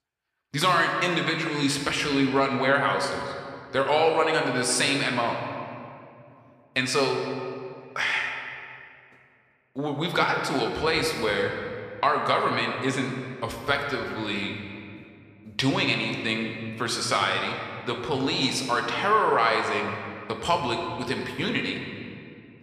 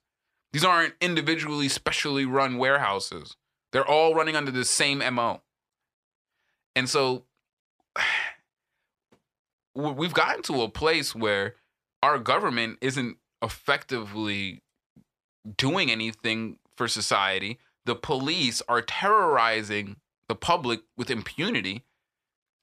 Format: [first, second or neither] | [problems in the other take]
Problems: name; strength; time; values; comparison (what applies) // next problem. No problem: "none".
second | room echo; slight; dies away in 2 s